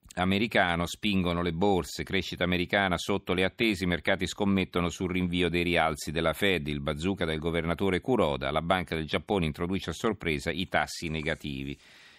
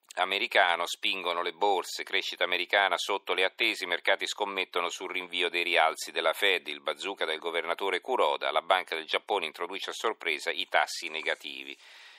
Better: first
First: none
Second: thin; very; fading below 400 Hz

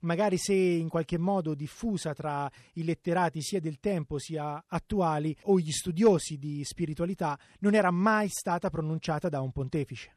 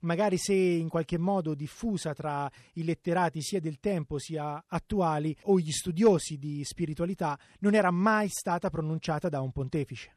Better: neither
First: none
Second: none

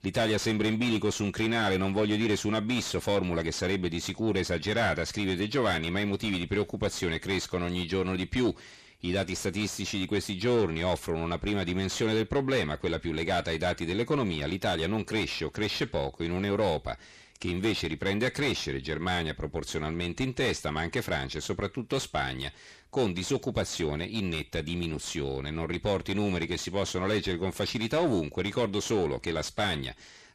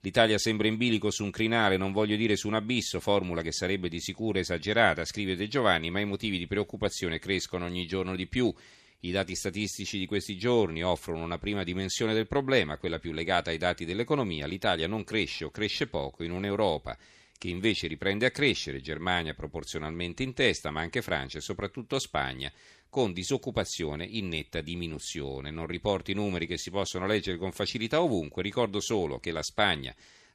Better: second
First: distortion; heavy; 8 dB below the speech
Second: none

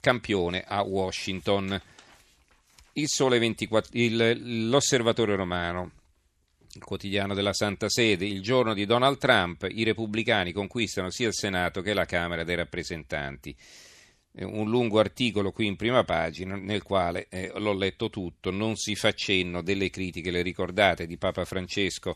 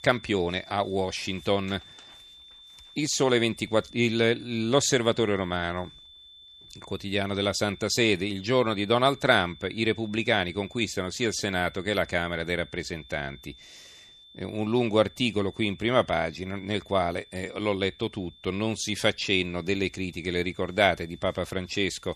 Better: first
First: none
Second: high-pitched whine; faint; throughout; 3.5 kHz, 20 dB below the speech

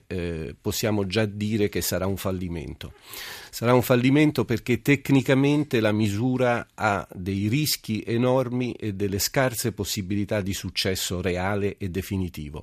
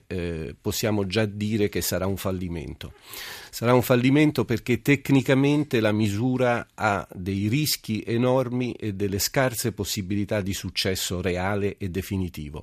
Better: neither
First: none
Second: none

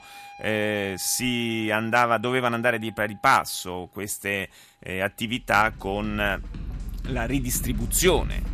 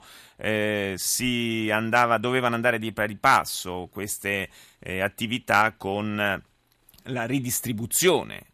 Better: second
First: background music; noticeable; throughout; 10 dB below the speech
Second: none

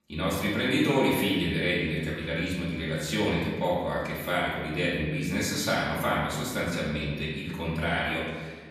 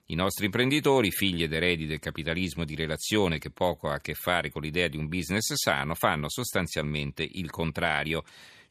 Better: second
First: room echo; noticeable; dies away in 1.3 s // off-mic speech; far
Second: none

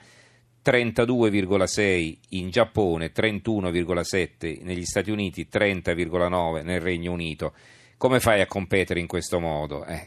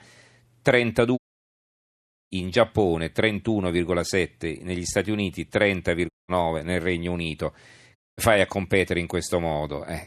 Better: first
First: none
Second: audio cutting out; at 1 s for 1 s, at 6 s and at 8 s

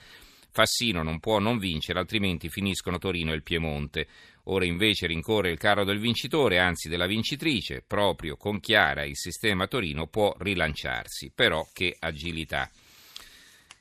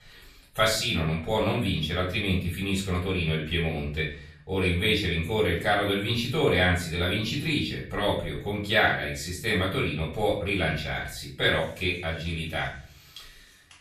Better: first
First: none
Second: room echo; slight; dies away in 0.5 s // off-mic speech; far

